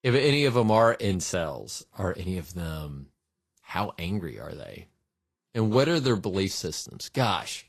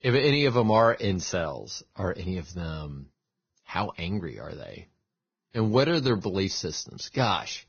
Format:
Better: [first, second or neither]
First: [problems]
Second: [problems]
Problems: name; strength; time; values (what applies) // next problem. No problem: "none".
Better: first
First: garbled, watery; slightly; nothing above 14 kHz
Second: garbled, watery; badly; nothing above 6.5 kHz